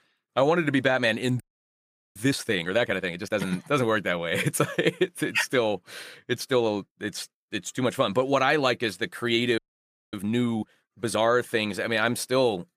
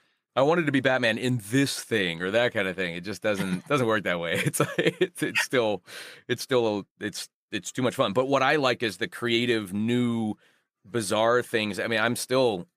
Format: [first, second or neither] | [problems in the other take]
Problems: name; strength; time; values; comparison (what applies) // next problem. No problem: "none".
second | audio freezing; at 1.5 s for 1 s and at 9.5 s for 0.5 s